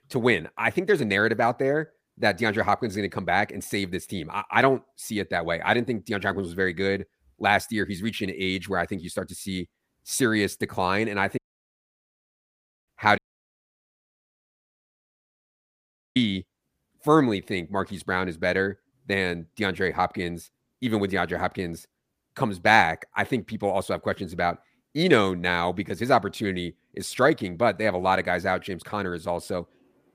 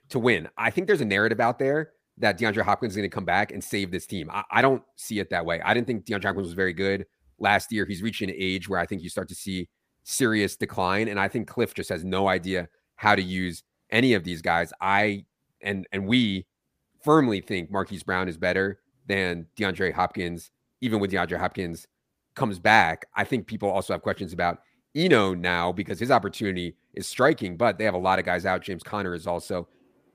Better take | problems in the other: second | audio cutting out; at 11 s for 1.5 s and at 13 s for 3 s

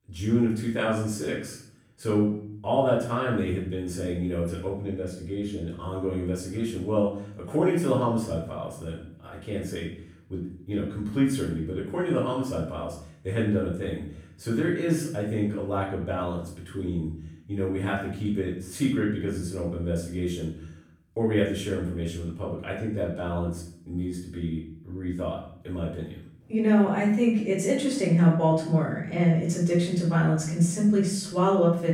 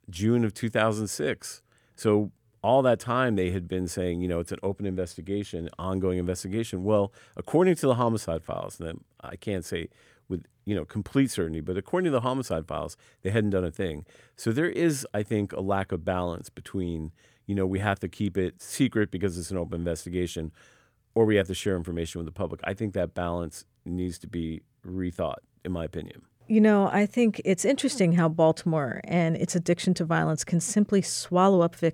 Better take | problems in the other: second | room echo; noticeable; dies away in 0.6 s // off-mic speech; far

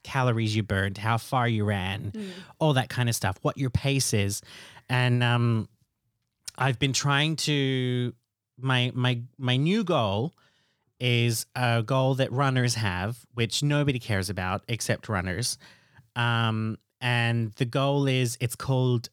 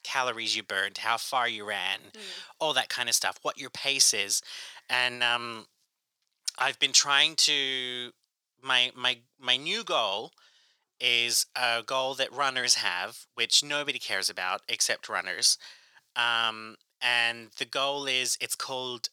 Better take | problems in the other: first | thin; very; fading below 650 Hz

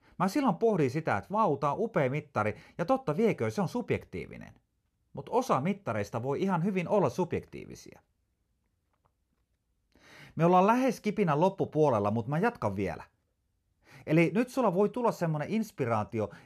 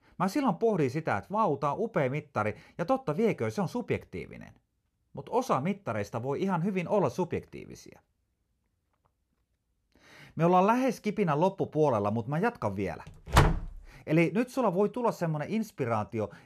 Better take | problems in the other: first | door banging; loud; at 13 s; peak 4 dB above the speech

